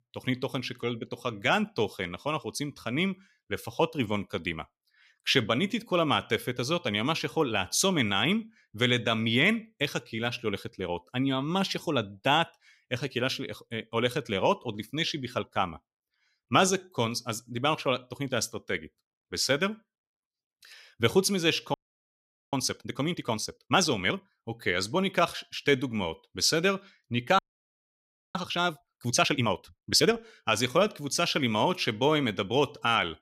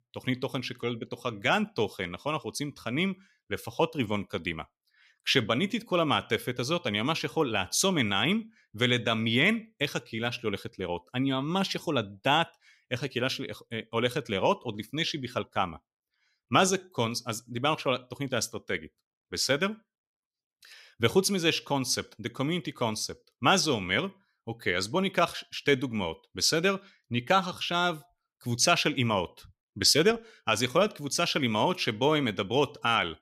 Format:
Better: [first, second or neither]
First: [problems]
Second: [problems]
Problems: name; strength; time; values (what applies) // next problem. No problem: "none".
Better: second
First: audio freezing; at 22 s for 1 s and at 27 s for 1 s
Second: none